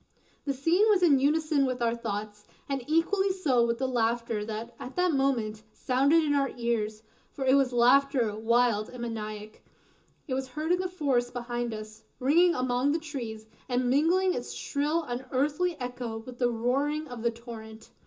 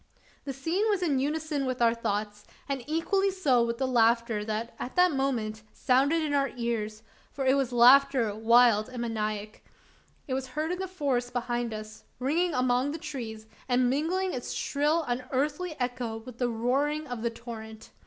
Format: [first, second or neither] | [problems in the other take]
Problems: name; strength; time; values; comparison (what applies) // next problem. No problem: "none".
second | room echo; dies away in 0.2 s